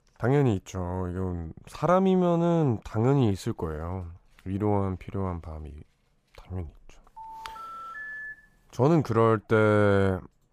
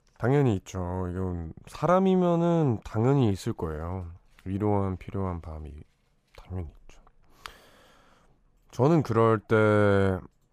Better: second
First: phone ringing; faint; from 7 to 8.5 s; peak 10 dB below the speech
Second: none

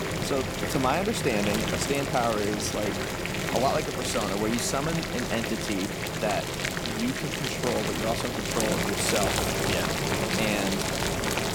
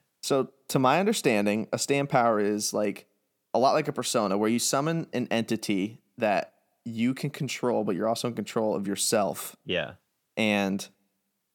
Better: second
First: household noises; very loud; throughout; 1 dB above the speech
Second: none

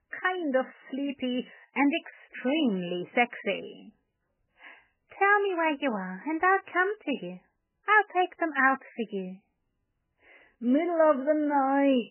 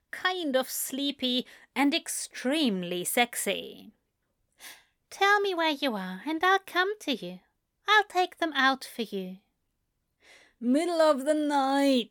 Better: second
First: garbled, watery; badly; nothing above 3 kHz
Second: none

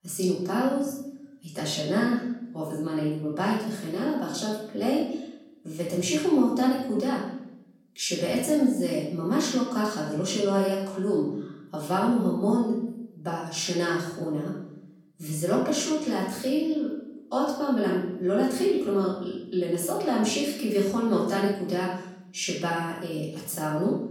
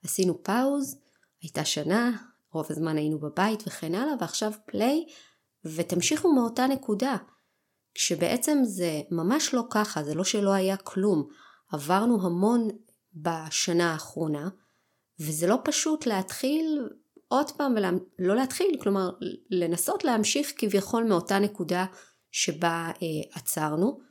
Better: second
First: off-mic speech; far // room echo; noticeable; dies away in 0.8 s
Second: none

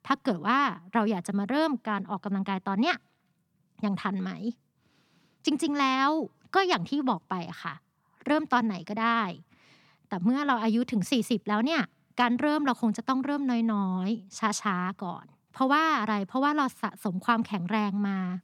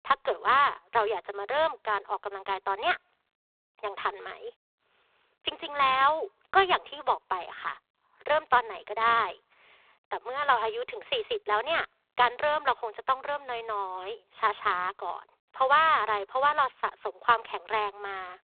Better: first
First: none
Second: phone-call audio; poor line

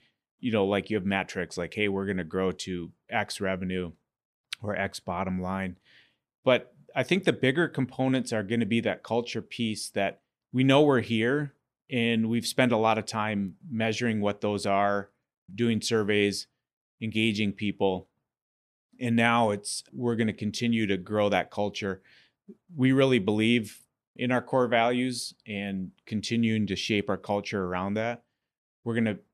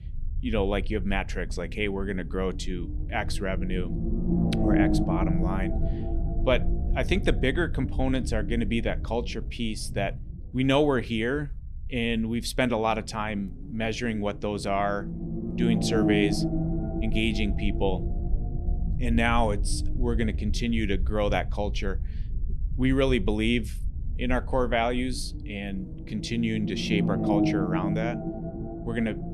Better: first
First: none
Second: low rumble; loud; throughout; 6 dB below the speech

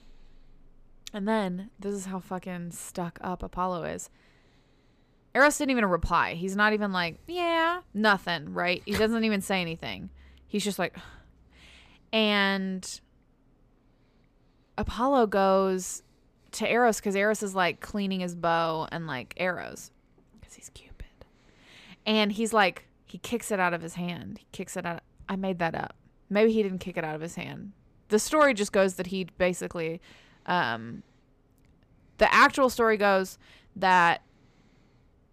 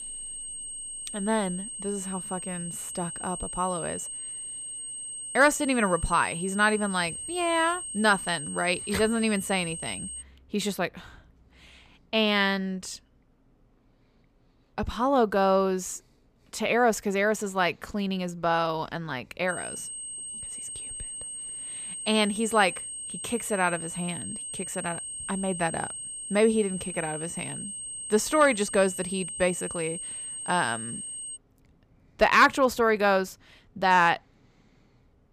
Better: first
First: none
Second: high-pitched whine; loud; until 10 s and from 19 to 31 s; 8.5 kHz, 8 dB below the speech

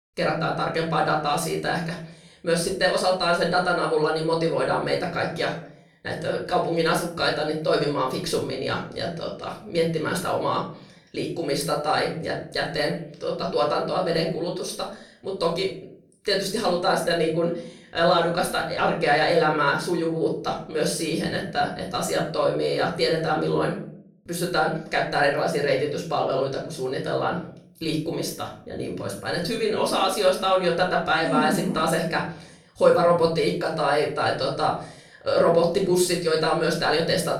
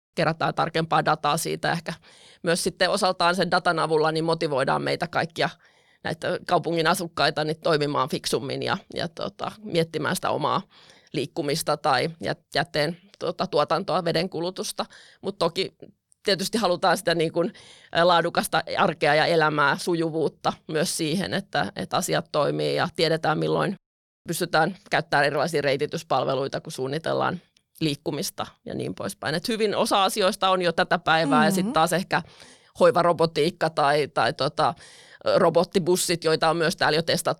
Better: second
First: off-mic speech; far // room echo; slight; dies away in 0.4 s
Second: none

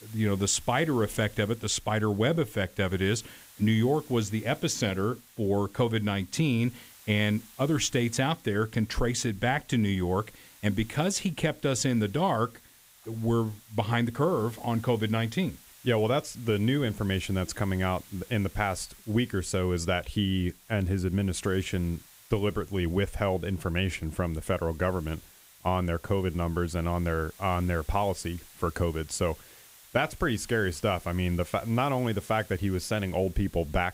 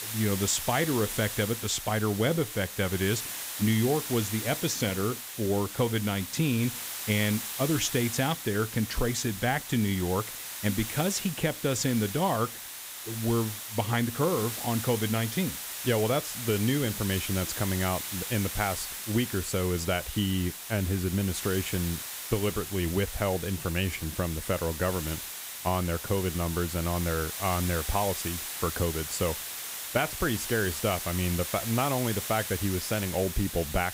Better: first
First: hiss; faint; throughout; 20 dB below the speech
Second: hiss; loud; throughout; 5 dB below the speech

